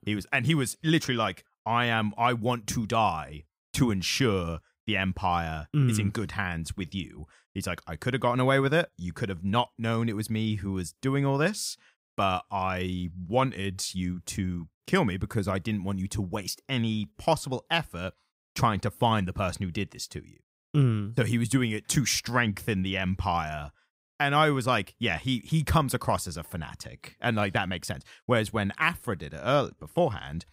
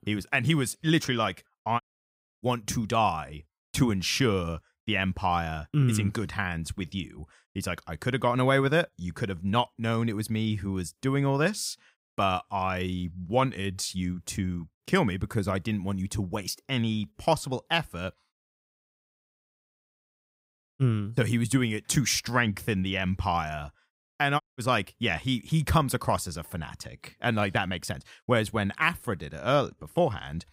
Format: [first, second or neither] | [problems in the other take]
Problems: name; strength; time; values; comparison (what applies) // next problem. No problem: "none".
first | audio cutting out; at 2 s for 0.5 s, at 19 s for 2 s and at 24 s